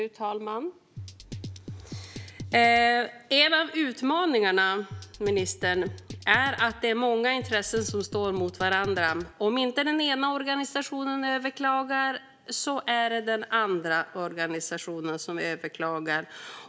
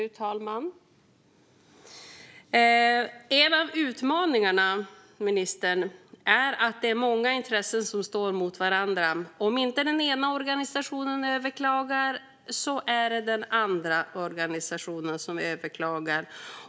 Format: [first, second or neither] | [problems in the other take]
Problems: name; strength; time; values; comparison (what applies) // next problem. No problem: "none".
second | background sound (Drum kit); 13 dB below the speech